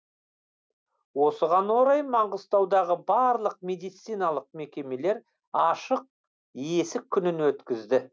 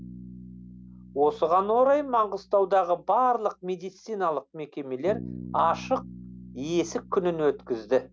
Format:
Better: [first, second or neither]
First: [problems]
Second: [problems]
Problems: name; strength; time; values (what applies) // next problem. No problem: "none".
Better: first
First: none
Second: background sound (Bass guitar); 18 dB below the speech